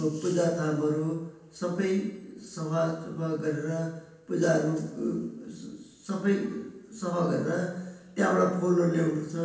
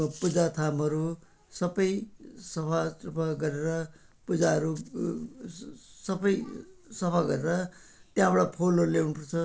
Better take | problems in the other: second | room echo; dies away in 0.9 s

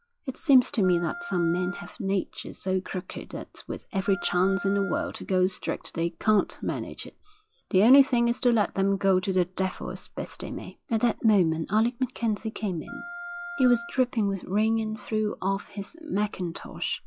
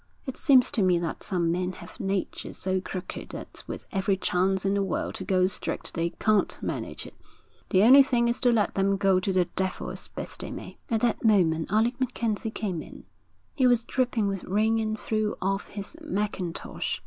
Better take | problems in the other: second | noise reduction (classical method log-MMSE)

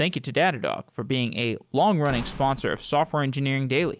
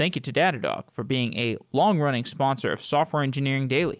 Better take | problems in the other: second | background sound (Slam / Wood); 18 dB below the speech

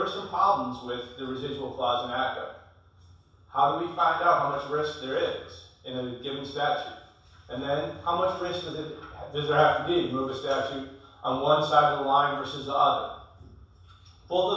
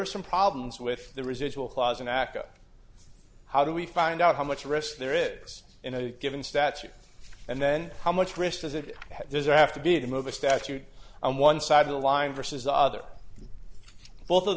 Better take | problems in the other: second | room echo; dies away in 0.7 s

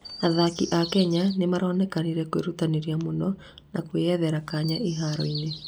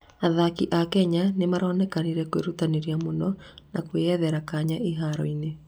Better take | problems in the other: second | background sound (Chirp, tweet); 16 dB below the speech

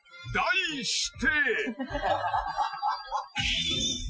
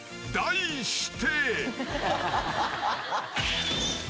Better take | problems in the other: second | noise reduction (classical method Wiener filter)

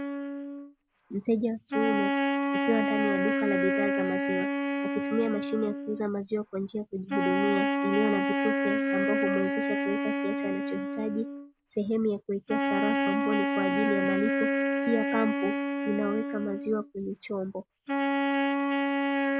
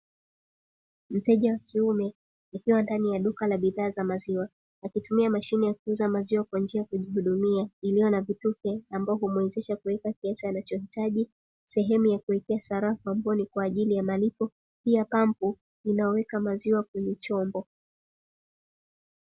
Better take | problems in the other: second | background sound (Wind instrument, woodwind instrument); 3 dB above the speech

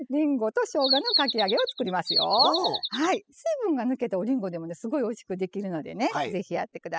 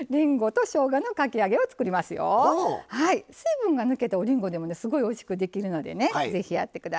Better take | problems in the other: second | noise reduction (classical method spectral subtraction)

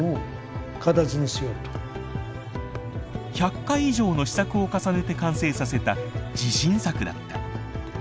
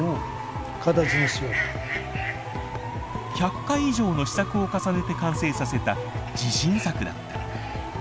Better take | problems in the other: first | background sound (Bird / Fowl); 7 dB below the speech

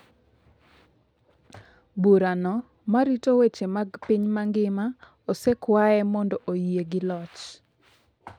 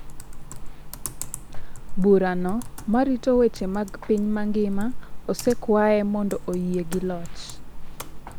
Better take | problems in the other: first | background sound (Computer keyboard); 5 dB below the speech

